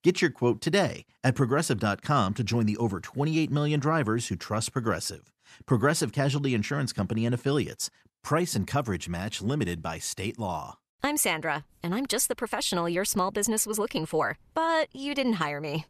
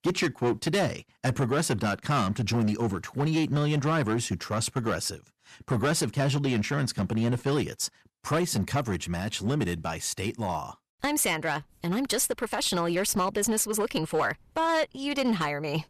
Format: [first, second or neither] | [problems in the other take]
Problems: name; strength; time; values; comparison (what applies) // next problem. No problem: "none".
first | distortion; slight; 9% of the sound clipped